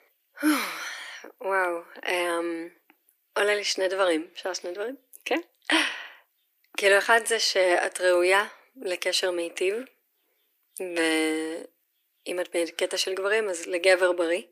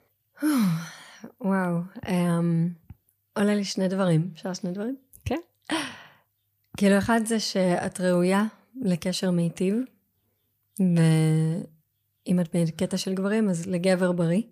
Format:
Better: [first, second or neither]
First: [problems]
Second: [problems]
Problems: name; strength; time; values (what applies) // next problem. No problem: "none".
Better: second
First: thin; very; fading below 300 Hz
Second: none